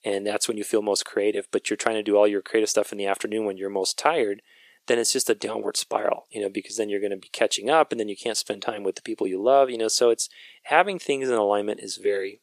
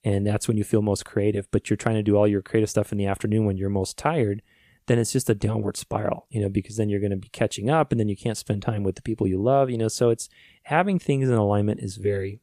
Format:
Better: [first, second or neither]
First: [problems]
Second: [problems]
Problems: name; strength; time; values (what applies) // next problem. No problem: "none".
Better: second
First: thin; very; fading below 350 Hz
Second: none